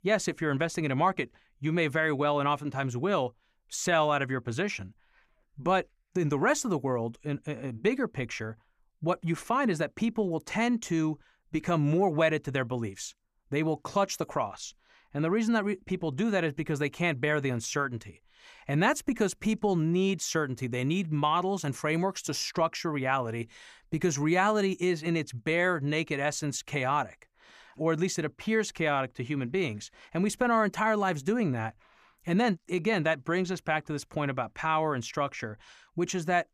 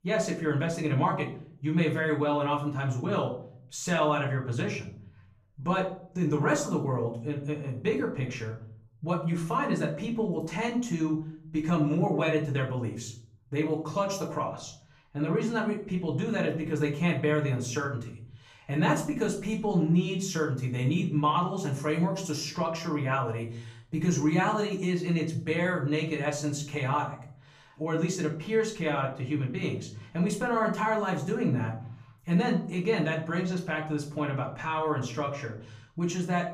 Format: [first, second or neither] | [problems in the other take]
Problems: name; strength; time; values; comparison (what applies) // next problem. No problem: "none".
first | off-mic speech; far // room echo; slight; dies away in 0.6 s